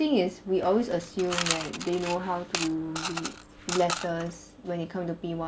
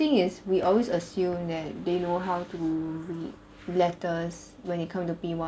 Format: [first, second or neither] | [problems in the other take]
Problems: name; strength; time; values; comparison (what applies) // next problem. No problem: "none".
second | background sound (Coin (dropping) / Mechanisms); 6 dB below the speech